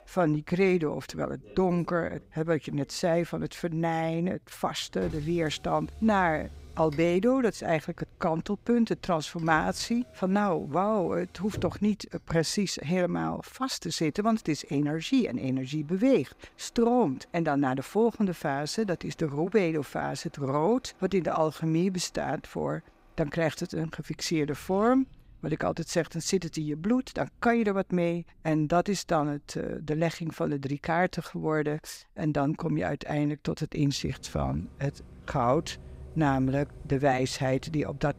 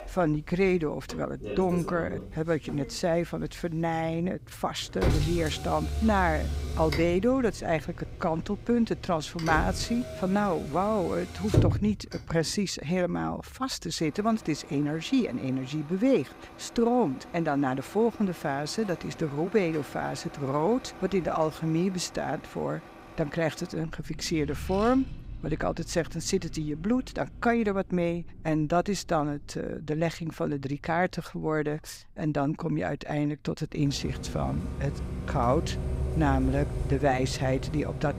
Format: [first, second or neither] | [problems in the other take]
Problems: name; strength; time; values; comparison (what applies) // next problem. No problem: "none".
first | traffic noise; loud; throughout; 8 dB below the speech; faint in the first